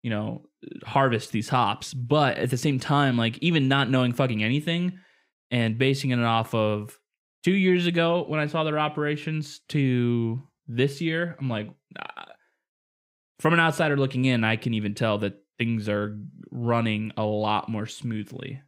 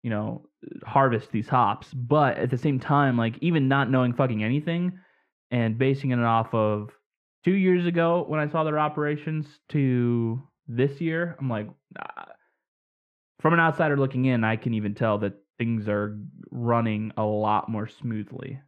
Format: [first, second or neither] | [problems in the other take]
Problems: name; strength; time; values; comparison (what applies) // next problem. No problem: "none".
first | muffled; very; fading above 3.5 kHz